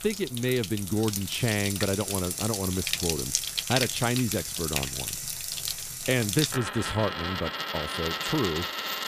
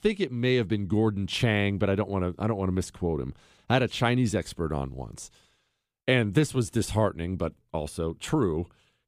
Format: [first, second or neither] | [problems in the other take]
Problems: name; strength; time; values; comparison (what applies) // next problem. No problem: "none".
second | household noises; loud; throughout; 1 dB below the speech